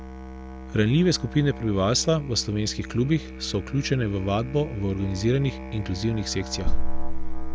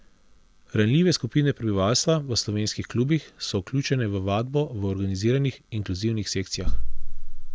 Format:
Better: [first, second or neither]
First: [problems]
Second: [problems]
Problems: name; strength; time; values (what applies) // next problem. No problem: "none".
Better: second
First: background sound (Musical instrument); 13 dB below the speech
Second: none